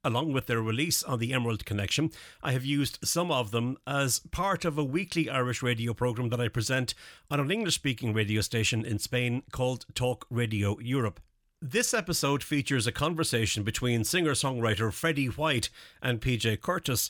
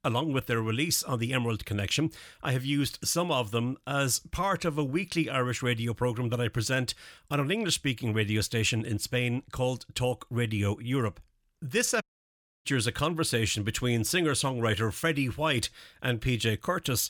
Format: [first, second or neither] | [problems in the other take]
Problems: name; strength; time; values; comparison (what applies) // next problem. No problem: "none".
first | audio cutting out; at 12 s for 0.5 s